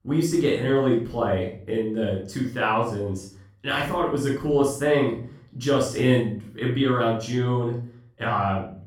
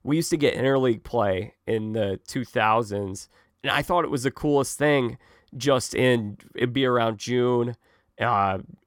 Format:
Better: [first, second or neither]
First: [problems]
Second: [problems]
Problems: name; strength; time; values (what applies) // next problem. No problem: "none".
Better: second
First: off-mic speech; far // room echo; noticeable; dies away in 0.4 s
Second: none